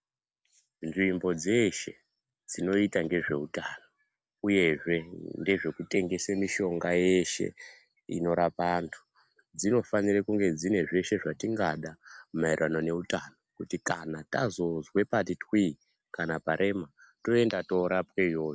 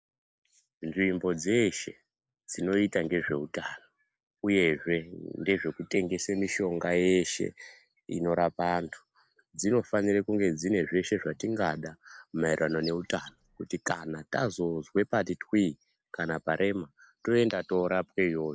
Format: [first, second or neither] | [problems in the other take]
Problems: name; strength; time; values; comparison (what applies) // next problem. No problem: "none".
first | noise reduction (neural mask model Resemble Enhance denoiser)